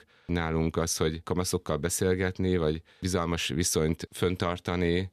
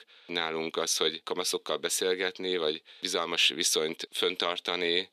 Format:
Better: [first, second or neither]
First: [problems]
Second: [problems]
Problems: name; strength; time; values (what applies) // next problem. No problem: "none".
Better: first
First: none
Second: thin; somewhat; fading below 350 Hz